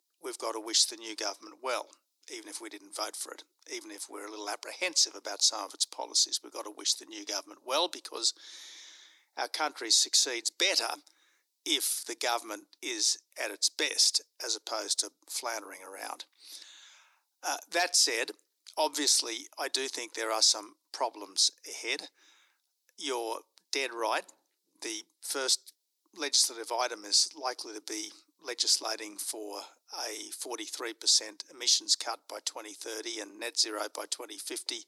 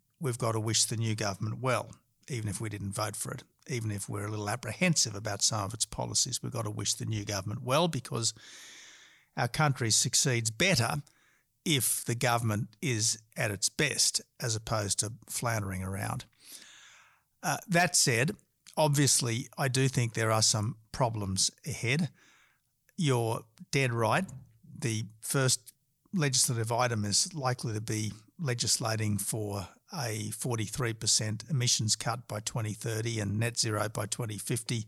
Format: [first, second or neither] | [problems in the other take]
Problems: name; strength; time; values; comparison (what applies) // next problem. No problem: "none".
second | thin; very; fading below 300 Hz